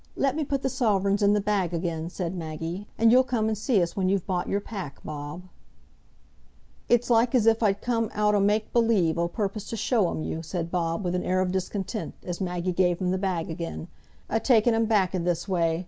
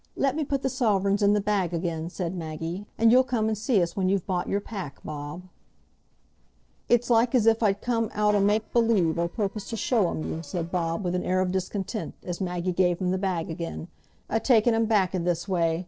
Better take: first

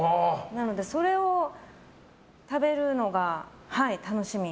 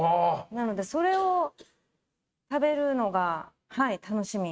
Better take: first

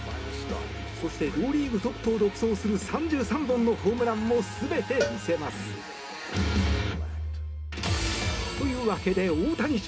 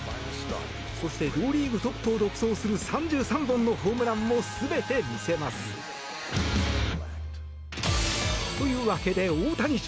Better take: second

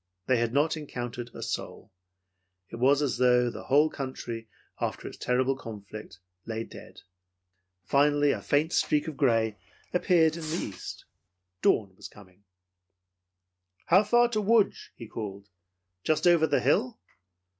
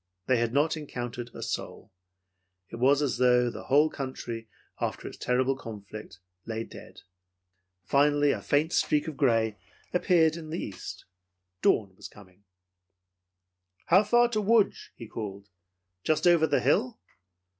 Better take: second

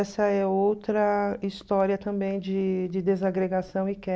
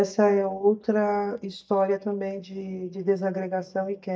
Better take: first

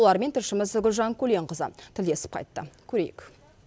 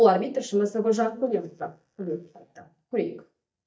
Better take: first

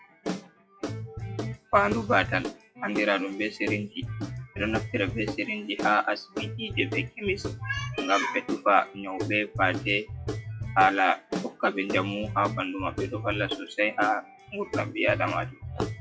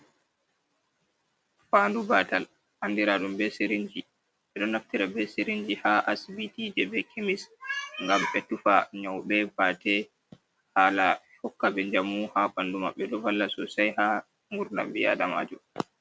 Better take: second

